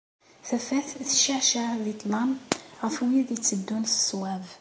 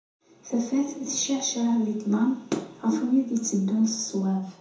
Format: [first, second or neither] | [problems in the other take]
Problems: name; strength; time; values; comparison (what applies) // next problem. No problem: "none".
first | room echo; dies away in 0.6 s